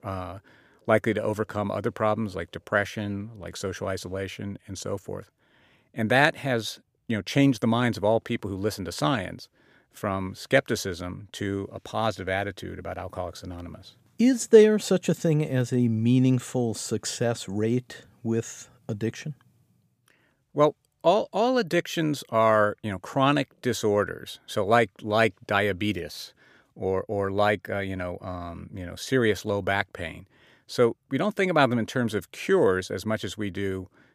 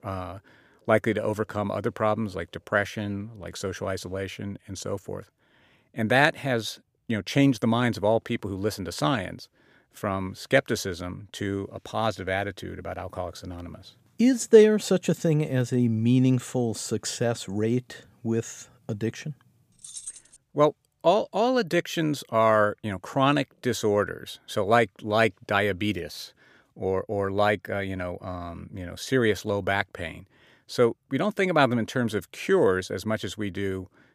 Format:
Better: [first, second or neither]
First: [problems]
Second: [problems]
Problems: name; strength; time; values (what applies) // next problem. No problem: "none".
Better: first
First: none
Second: jangling keys; faint; at 20 s; peak 10 dB below the speech